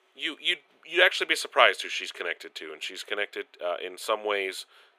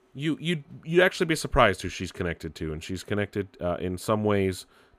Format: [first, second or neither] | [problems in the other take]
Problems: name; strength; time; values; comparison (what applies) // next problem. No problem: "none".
second | thin; very; fading below 450 Hz